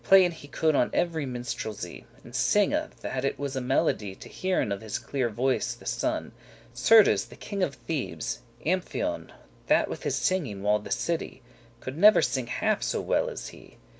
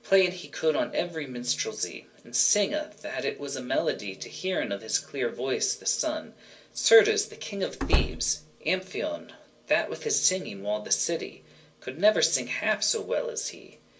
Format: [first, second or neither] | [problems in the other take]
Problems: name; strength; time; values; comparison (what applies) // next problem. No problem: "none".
first | background sound (Slam); 1 dB below the speech // room echo; dies away in 0.2 s